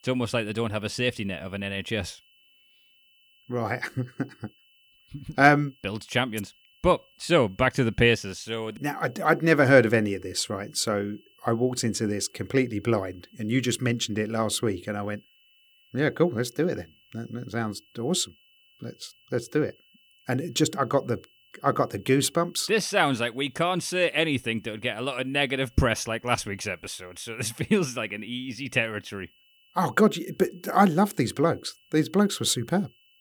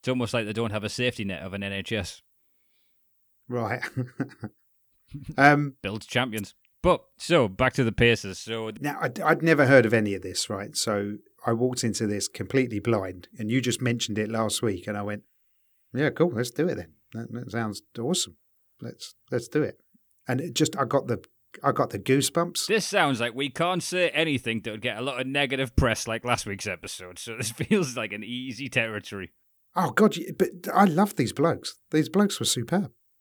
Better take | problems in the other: second | high-pitched whine; faint; throughout; 3 kHz, 35 dB below the speech

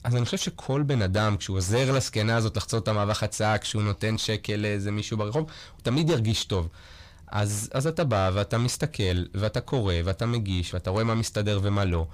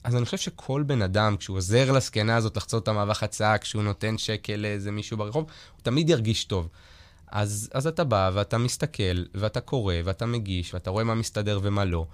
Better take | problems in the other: second | distortion; slight; 10 dB below the speech

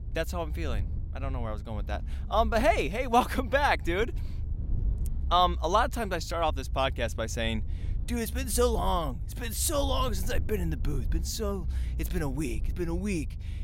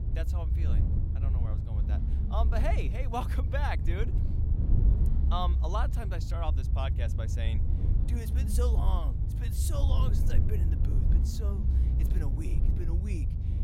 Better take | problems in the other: first | low rumble; loud; throughout; 6 dB below the speech; faint in the first

